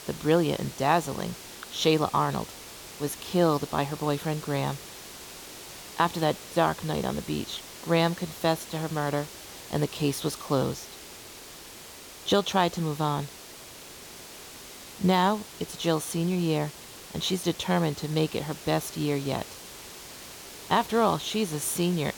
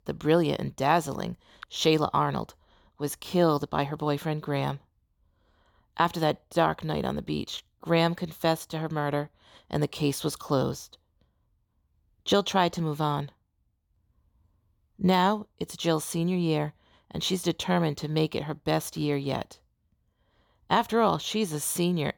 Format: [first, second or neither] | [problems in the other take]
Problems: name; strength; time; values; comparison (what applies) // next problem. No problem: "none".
second | hiss; noticeable; throughout; 15 dB below the speech